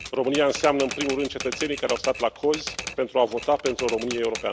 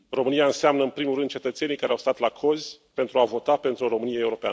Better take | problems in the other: second | background sound (Typewriter); 11 dB below the speech

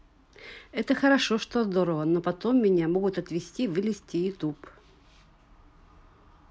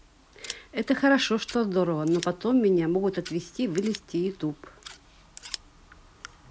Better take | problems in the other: first | background sound (Scissors); 19 dB below the speech

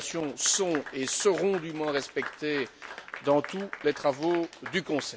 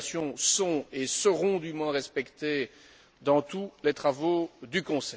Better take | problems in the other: second | background sound (Applause / Clapping); 13 dB below the speech

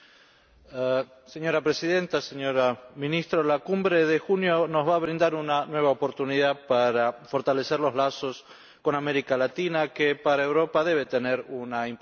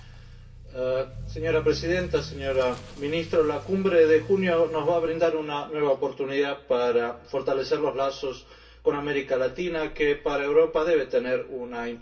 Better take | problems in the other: first | background sound (Accelerating, revving, vroom / Motor vehicle (road)); 17 dB below the speech // room echo; dies away in 0.2 s

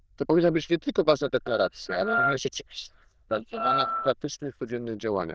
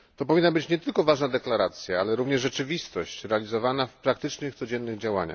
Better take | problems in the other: second | noise reduction (neural diffusion model UNIVERSE++)

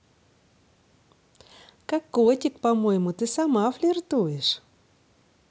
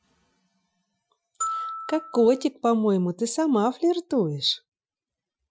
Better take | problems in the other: first | noise reduction (classical method Wiener filter)

